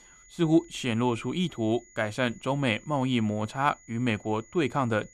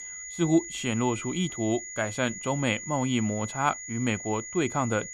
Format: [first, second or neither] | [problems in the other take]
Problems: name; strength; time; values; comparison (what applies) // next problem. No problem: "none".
first | high-pitched whine; loud; throughout; 7 kHz, 9 dB below the speech; faint in the first